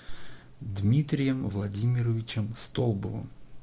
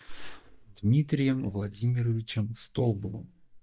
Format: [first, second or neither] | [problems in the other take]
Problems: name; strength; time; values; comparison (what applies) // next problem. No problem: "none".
first | noise reduction (neural mask model DeepFilterNet 3)